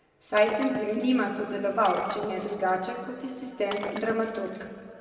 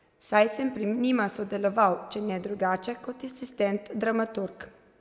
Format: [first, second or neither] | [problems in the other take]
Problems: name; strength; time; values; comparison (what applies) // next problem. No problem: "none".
second | background sound (Shatter); 13 dB below the speech // room echo; dies away in 2.2 s